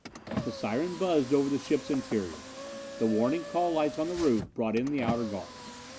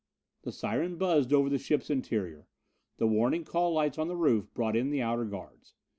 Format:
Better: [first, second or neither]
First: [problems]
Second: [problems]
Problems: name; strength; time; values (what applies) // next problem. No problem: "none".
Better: second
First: background sound (Car); 10 dB below the speech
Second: none